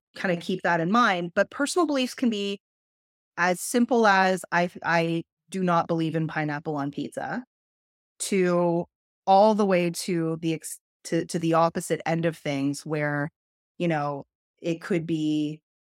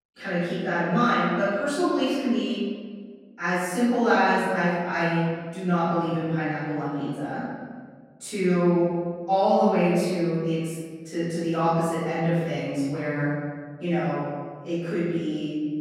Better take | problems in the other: first | off-mic speech; far // room echo; strong; dies away in 1.7 s

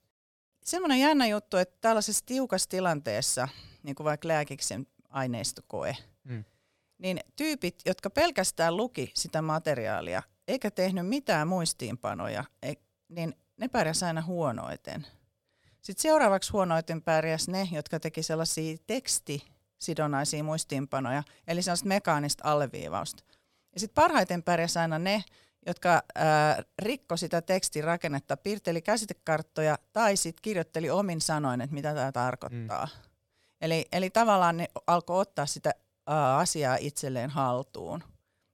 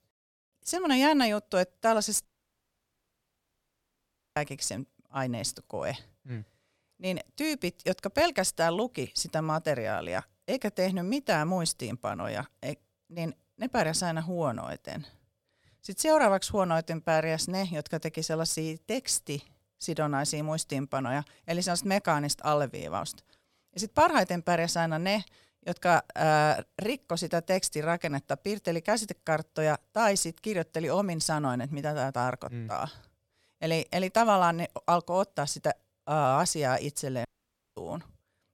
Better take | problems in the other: first | audio cutting out; at 2.5 s for 2 s and at 37 s for 0.5 s

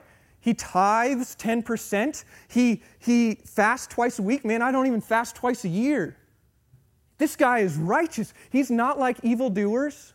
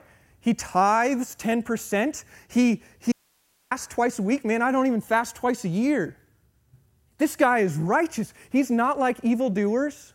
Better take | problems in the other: first | audio cutting out; at 3 s for 0.5 s

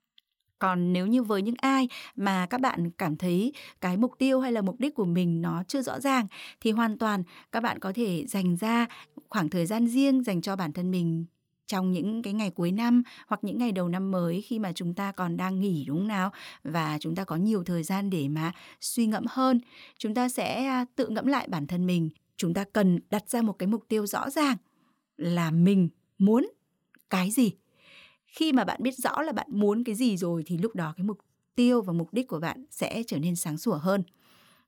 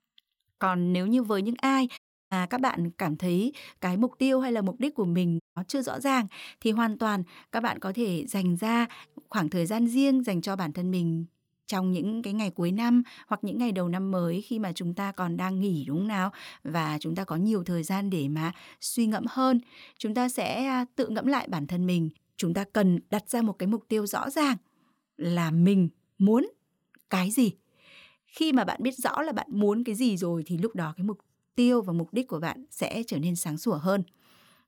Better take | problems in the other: first | audio cutting out; at 2 s and at 5.5 s

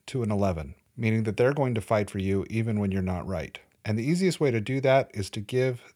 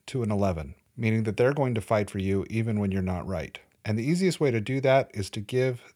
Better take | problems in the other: neither | none

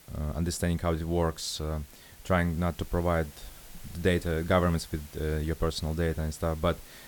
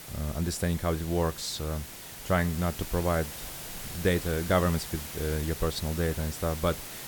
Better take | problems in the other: first | hiss; loud; throughout; 9 dB below the speech; faint in the first

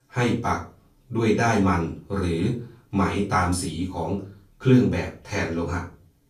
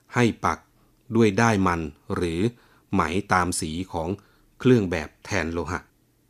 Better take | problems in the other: second | off-mic speech; far // room echo; slight; dies away in 0.3 s

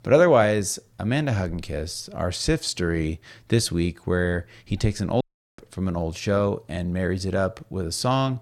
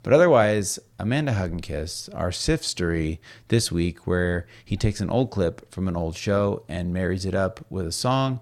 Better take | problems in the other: second | audio cutting out; at 5 s

